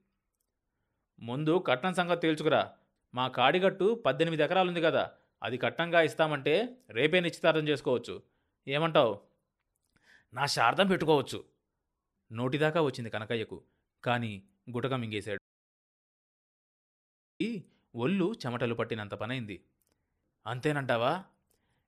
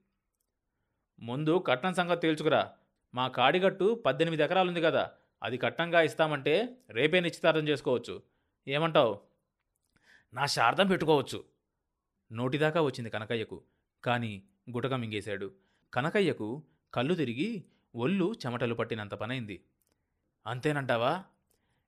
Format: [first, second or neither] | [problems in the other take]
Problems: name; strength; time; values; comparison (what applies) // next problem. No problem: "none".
second | audio cutting out; at 15 s for 2 s